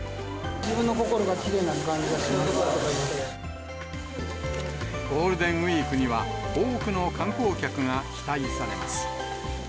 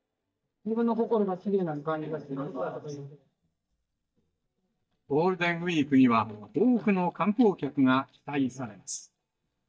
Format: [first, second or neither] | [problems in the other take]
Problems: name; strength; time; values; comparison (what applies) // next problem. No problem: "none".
first | noise reduction (neural mask model DeepFilterNet 3)